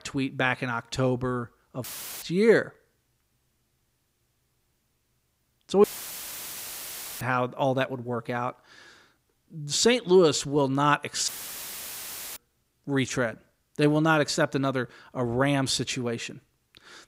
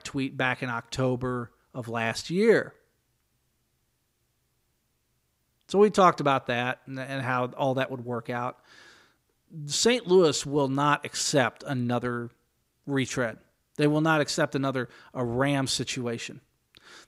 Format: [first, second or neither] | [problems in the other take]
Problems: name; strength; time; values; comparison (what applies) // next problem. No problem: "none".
second | audio cutting out; filled with static; at 2 s, at 6 s for 1.5 s and at 11 s for 1 s